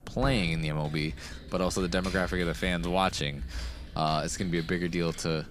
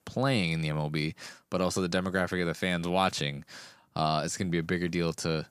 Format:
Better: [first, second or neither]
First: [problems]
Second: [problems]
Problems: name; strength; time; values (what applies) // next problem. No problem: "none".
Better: second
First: keyboard typing; noticeable; peak 7 dB below the speech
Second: none